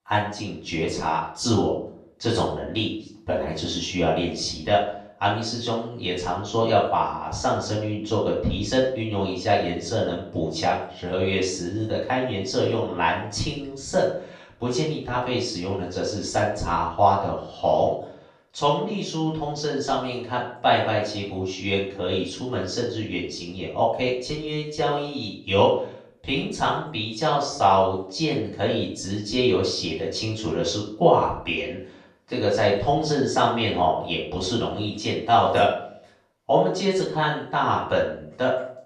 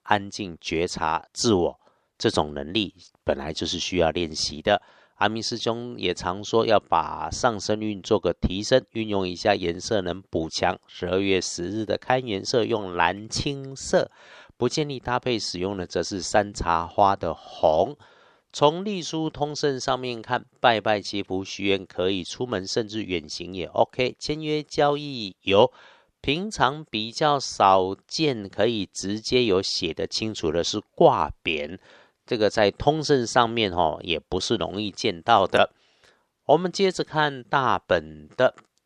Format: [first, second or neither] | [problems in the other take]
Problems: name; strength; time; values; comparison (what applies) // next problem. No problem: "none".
second | off-mic speech; far // room echo; noticeable; dies away in 0.5 s